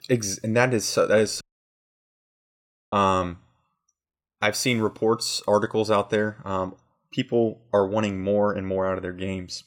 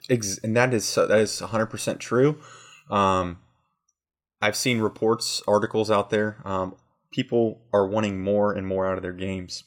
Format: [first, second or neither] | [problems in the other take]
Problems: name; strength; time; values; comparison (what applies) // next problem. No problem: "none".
second | audio cutting out; at 1.5 s for 1.5 s